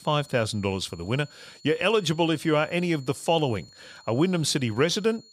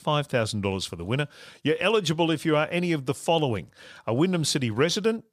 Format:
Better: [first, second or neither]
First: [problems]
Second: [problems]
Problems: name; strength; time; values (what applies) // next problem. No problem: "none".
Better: second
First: high-pitched whine; faint; throughout; 4.5 kHz, 25 dB below the speech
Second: none